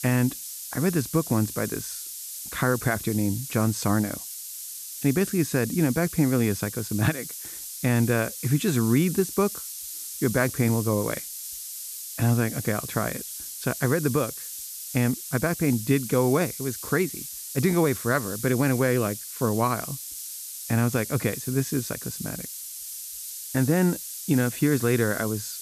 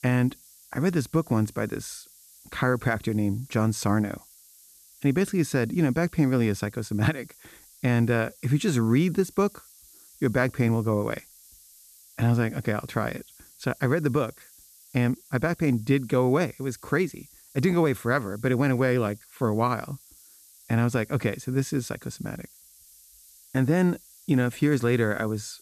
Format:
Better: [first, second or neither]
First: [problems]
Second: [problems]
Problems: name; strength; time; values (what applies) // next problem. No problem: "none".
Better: second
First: hiss; loud; throughout; 8 dB below the speech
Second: hiss; faint; throughout; 25 dB below the speech